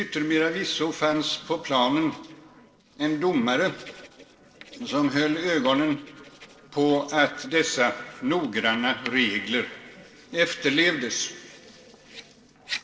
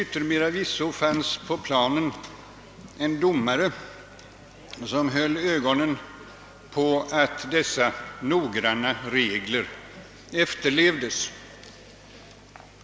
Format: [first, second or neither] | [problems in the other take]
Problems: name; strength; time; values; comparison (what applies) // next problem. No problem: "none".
second | noise reduction (neural separator model SepFormer DNS4)